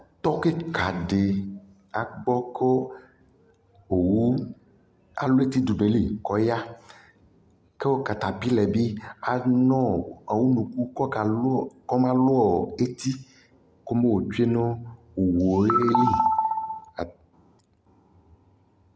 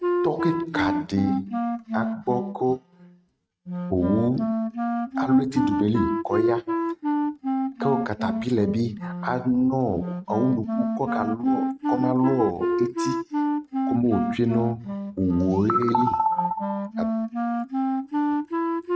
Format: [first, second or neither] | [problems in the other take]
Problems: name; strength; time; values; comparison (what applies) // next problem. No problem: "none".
first | noise reduction (neural mask model RNNoise)